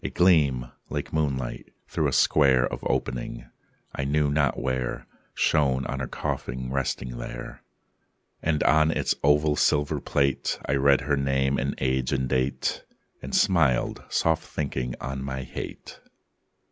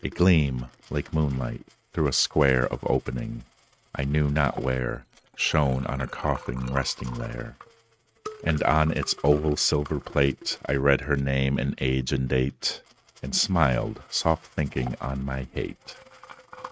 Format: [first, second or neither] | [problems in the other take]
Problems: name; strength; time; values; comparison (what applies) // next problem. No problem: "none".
first | noise reduction (neural mask model RNNoise)